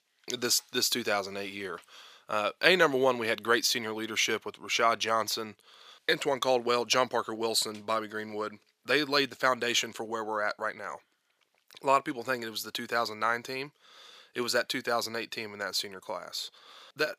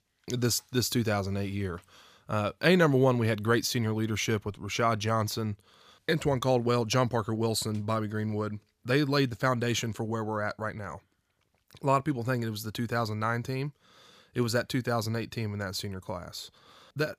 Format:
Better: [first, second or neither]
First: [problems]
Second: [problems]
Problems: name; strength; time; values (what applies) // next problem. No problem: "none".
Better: second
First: thin; somewhat; fading below 400 Hz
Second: none